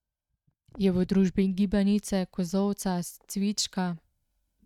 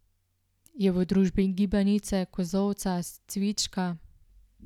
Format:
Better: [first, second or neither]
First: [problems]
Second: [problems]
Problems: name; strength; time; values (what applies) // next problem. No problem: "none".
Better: second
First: noise reduction (neural mask model RNNoise)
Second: none